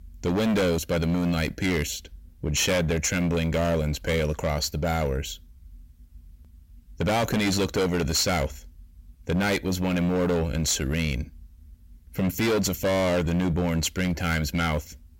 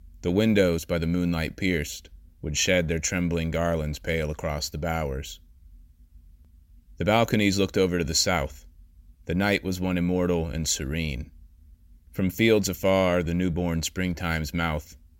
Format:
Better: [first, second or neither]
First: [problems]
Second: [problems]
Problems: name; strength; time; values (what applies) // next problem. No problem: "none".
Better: second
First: distortion; heavy; 16% of the sound clipped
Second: none